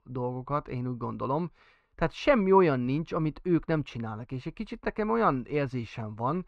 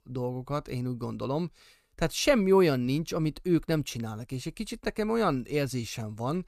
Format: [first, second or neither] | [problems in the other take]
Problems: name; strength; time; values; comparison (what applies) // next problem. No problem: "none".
second | muffled; very; fading above 2 kHz